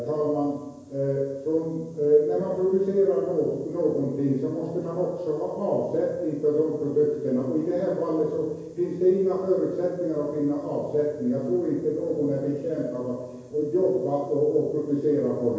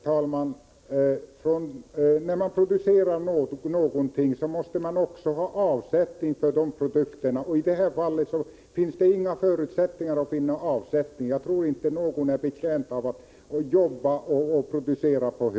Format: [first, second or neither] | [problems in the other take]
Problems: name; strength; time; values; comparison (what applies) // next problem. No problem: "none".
second | room echo; dies away in 1 s